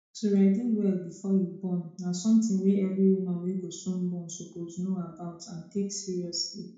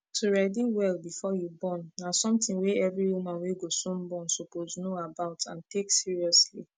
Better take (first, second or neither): second